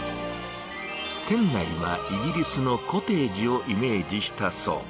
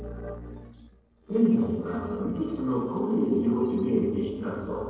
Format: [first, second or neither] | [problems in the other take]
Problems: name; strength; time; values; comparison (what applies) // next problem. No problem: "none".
first | noise reduction (neural separator model SepFormer DNS4)